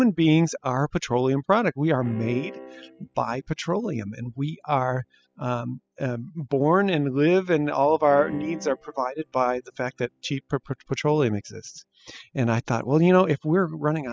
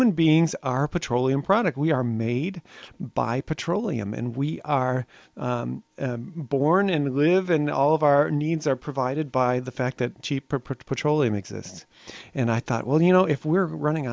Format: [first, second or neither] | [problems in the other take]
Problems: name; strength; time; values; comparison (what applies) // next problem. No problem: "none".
second | noise reduction (classical method spectral subtraction)